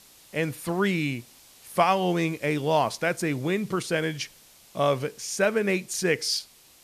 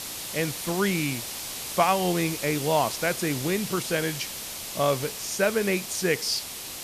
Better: first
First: hiss; faint; throughout; 25 dB below the speech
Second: hiss; loud; throughout; 6 dB below the speech

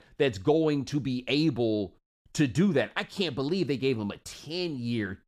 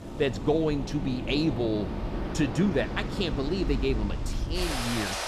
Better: first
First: none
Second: rain or running water; loud; throughout; 4 dB below the speech

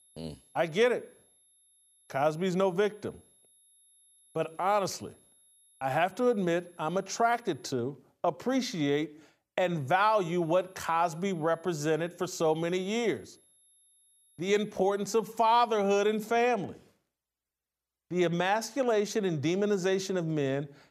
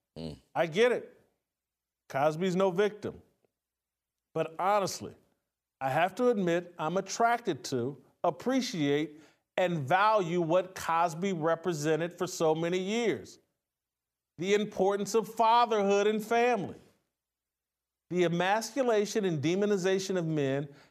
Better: second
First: high-pitched whine; faint; until 7.5 s and from 10 to 16 s; 11 kHz, 30 dB below the speech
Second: none

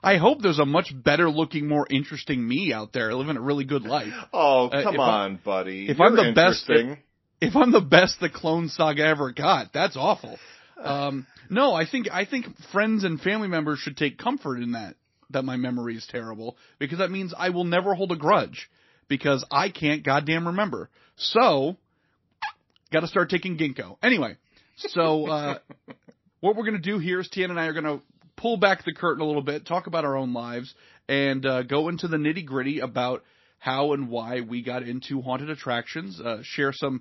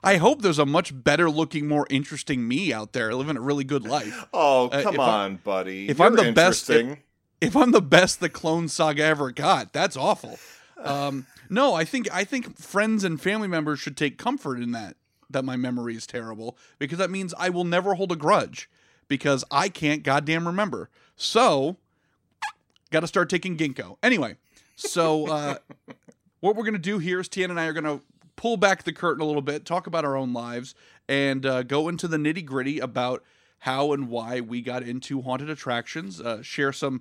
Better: second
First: garbled, watery; slightly; nothing above 5.5 kHz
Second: none

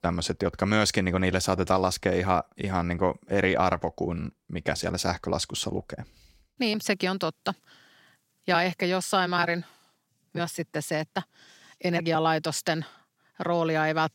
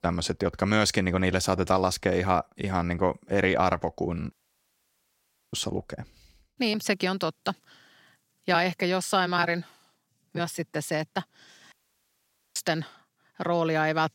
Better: first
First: none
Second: audio cutting out; at 4.5 s for 1 s and at 12 s for 1 s

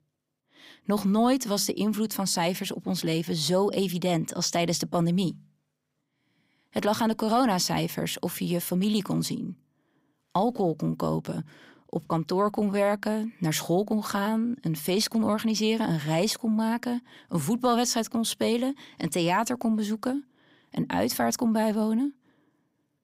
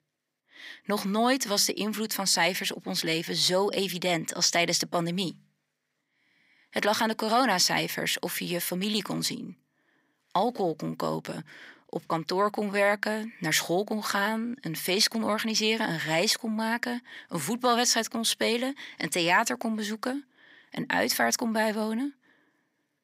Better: first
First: none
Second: thin; very slightly; fading below 400 Hz

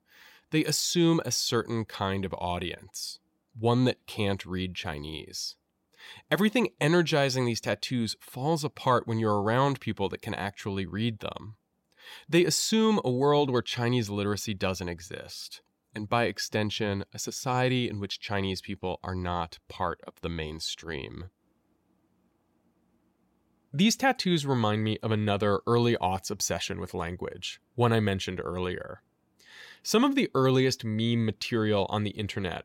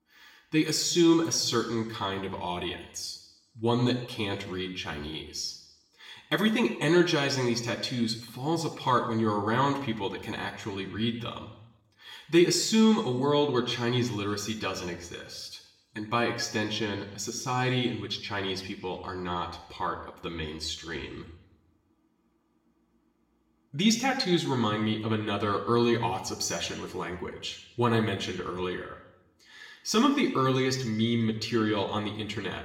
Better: first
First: none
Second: room echo; slight; dies away in 0.8 s // off-mic speech; somewhat distant

